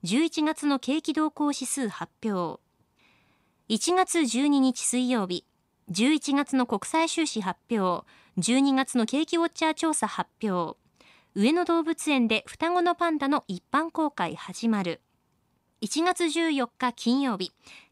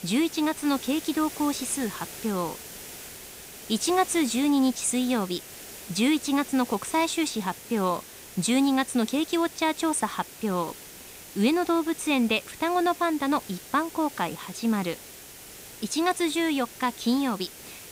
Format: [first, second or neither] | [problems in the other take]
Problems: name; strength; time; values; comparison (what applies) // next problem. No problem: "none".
first | hiss; noticeable; throughout; 15 dB below the speech